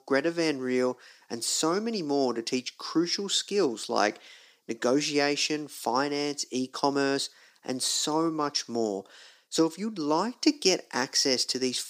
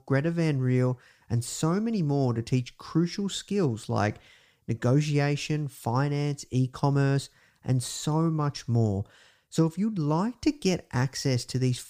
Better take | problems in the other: second | thin; somewhat; fading below 300 Hz

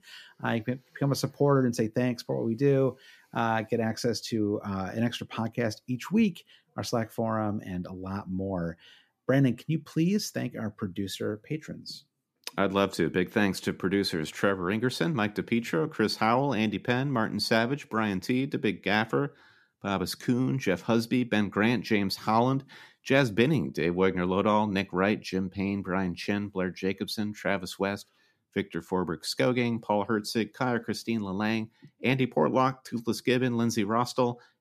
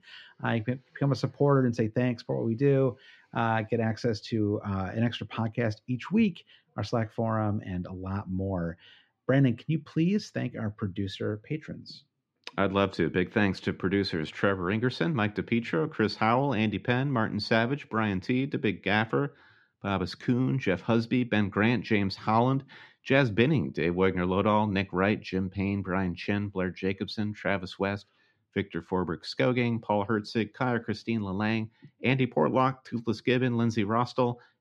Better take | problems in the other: first | muffled; very slightly; fading above 3.5 kHz

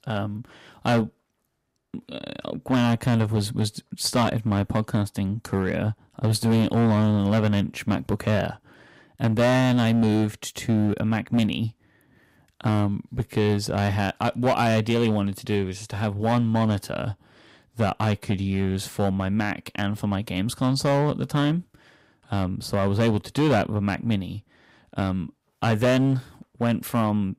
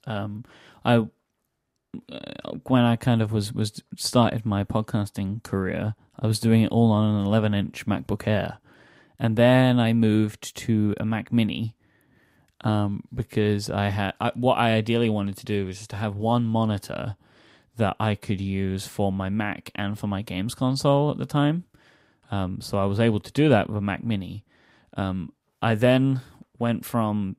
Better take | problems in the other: second | distortion; slight; 7% of the sound clipped

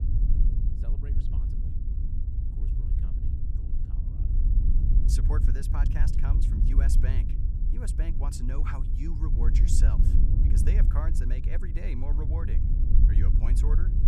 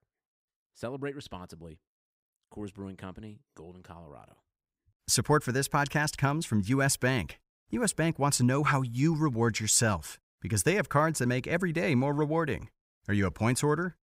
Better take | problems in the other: second | low rumble; loud; throughout; 2 dB below the speech

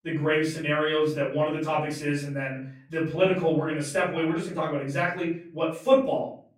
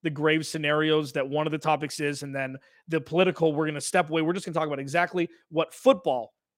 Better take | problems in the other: second | off-mic speech; far // room echo; noticeable; dies away in 0.5 s

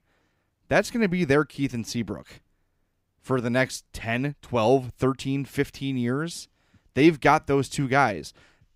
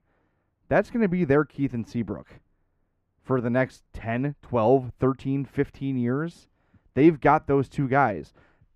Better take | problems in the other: first | muffled; very; fading above 2.5 kHz

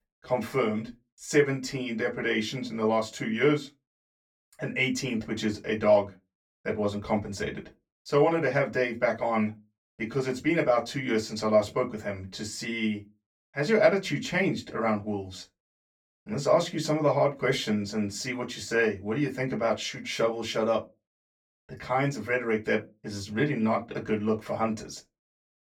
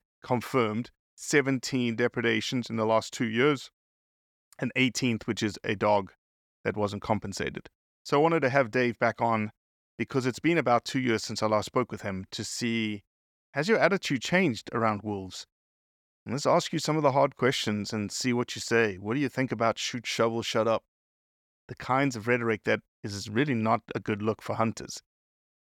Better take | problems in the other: second | off-mic speech; far // room echo; very slight; dies away in 0.2 s

